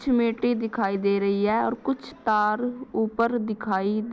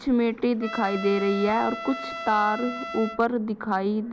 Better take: first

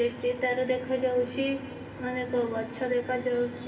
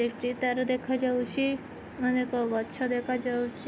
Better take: second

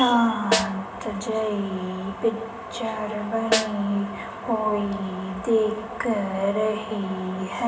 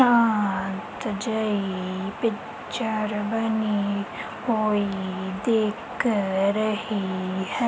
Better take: second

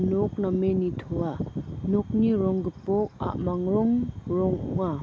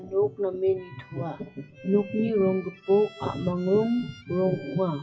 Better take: first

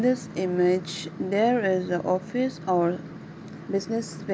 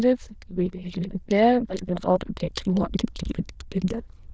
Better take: first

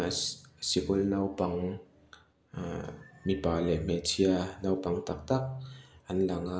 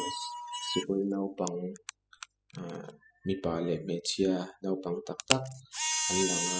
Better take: first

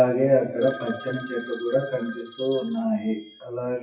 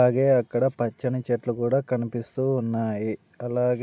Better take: second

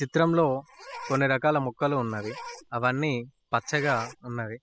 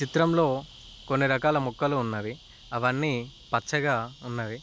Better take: second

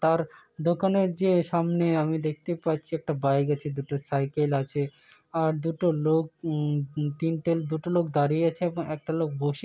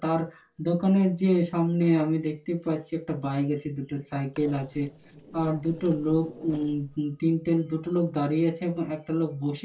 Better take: first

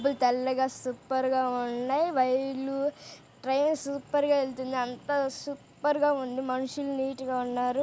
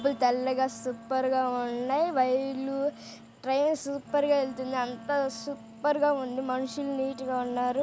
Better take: first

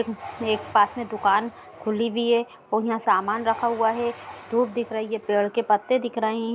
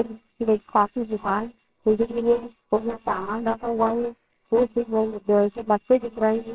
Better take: first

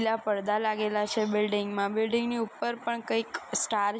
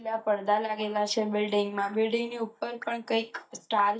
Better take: first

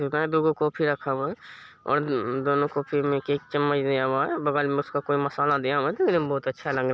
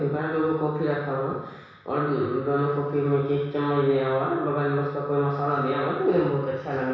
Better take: first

